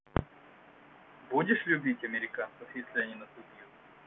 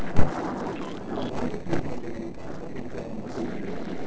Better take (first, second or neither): first